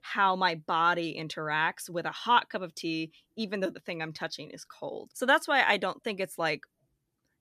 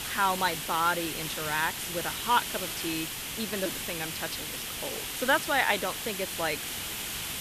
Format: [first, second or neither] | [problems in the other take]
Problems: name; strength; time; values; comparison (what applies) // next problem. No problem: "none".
first | hiss; loud; throughout; 3 dB below the speech